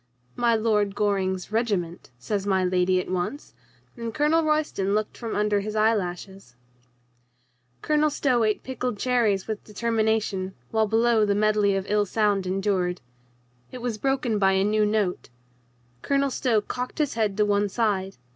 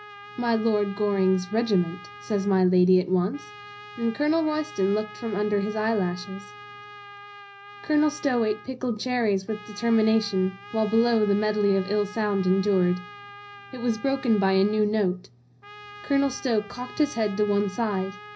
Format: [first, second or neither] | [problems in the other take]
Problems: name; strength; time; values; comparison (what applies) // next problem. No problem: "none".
first | background sound (Trumpet); 18 dB below the speech // room echo; dies away in 0.5 s